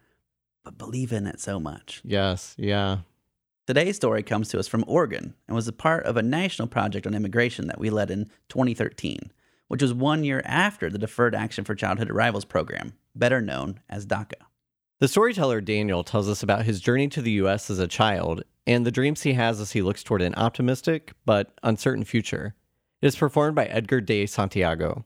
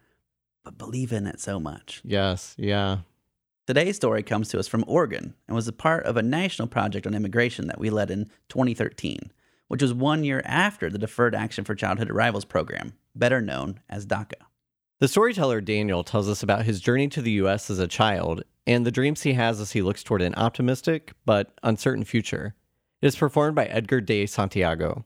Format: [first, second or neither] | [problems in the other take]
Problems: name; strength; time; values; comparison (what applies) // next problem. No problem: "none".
neither | none